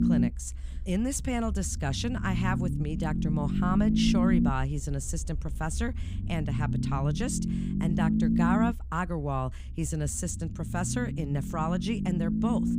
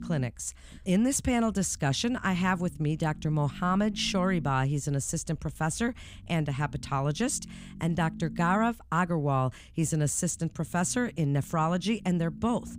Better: second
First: low rumble; loud; throughout; 2 dB below the speech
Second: low rumble; faint; throughout; 20 dB below the speech

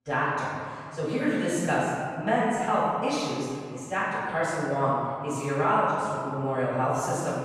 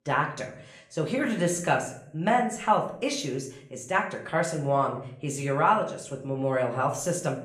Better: second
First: room echo; strong; dies away in 2.1 s // off-mic speech; far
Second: room echo; slight; dies away in 0.5 s // off-mic speech; somewhat distant

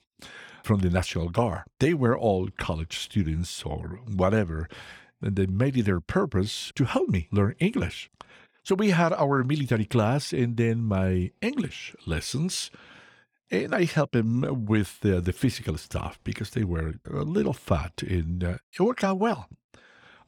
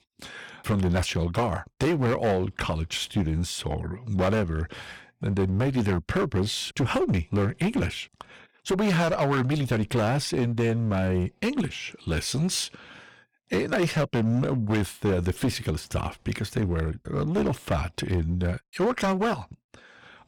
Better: first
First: none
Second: distortion; heavy; 13% of the sound clipped

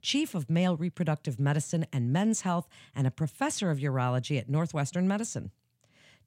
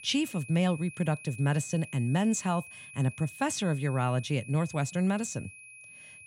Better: first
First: none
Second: high-pitched whine; noticeable; throughout; 2.5 kHz, 15 dB below the speech

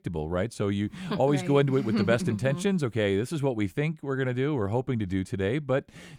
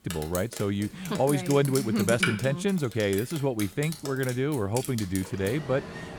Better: first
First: none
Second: rain or running water; loud; throughout; 9 dB below the speech

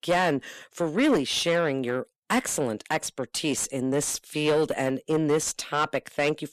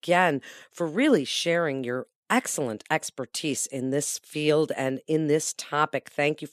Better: second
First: distortion; slight; 10 dB below the speech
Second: none

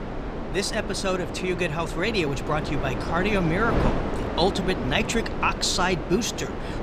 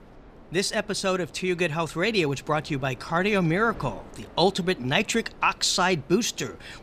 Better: second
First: wind noise on the microphone; heavy; 6 dB below the speech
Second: wind noise on the microphone; occasional gusts; 25 dB below the speech

